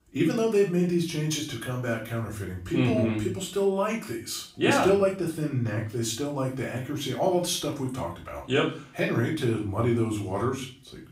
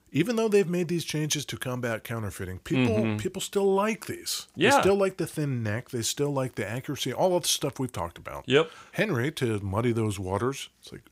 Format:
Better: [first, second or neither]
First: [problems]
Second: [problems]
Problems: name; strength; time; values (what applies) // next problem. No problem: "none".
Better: second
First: off-mic speech; far // room echo; slight; dies away in 0.4 s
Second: none